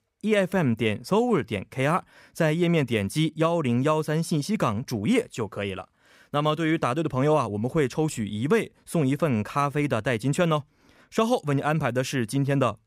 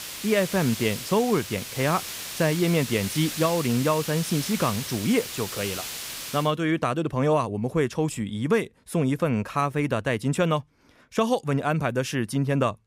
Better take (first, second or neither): first